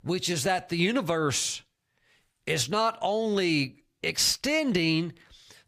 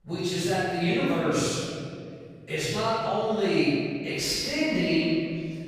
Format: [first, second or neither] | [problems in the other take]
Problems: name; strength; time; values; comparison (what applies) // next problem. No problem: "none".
first | off-mic speech; far // room echo; strong; dies away in 2.2 s